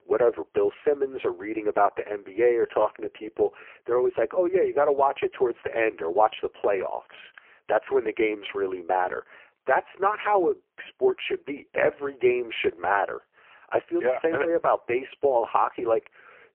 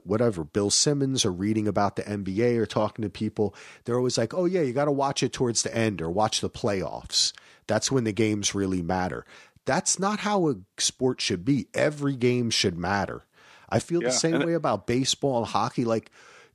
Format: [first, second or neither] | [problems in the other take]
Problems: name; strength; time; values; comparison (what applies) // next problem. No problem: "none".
second | phone-call audio; poor line; nothing above 3 kHz